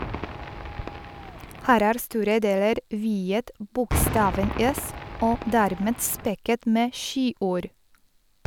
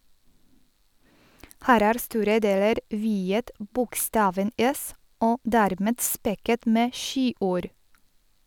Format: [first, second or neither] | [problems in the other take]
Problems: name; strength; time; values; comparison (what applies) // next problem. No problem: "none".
second | background sound (Cheering / Fireworks); 9 dB below the speech